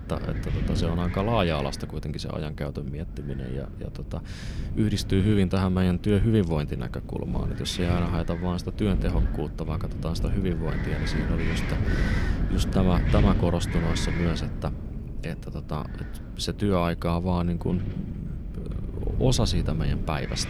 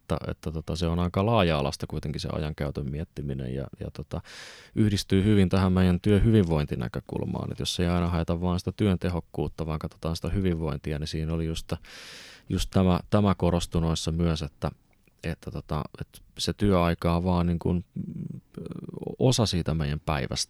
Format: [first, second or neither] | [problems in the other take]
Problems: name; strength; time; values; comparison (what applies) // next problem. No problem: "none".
second | wind noise on the microphone; heavy; 7 dB below the speech